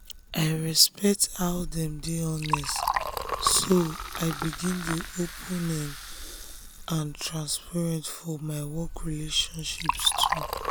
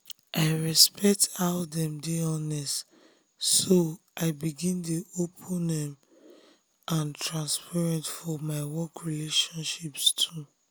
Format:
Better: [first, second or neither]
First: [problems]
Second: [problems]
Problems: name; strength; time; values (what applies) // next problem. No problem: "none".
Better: second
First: background sound (Liquid); 5 dB below the speech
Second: none